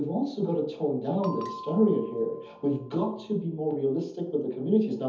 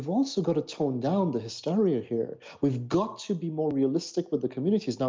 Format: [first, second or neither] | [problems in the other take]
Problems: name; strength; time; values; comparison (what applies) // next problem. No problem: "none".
second | background sound (Bell); 16 dB below the speech // room echo; dies away in 0.7 s